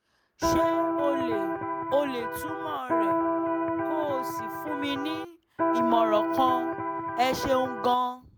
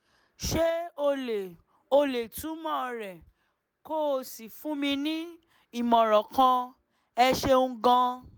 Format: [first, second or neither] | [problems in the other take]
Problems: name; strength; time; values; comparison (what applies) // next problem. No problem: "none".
second | background sound (Electric guitar); 2 dB above the speech